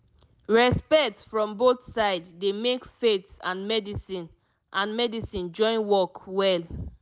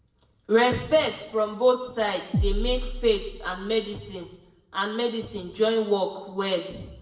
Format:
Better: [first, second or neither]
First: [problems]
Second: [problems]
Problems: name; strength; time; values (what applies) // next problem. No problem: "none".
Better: first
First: none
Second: background sound (Bass drum); 4 dB below the speech // room echo; dies away in 1 s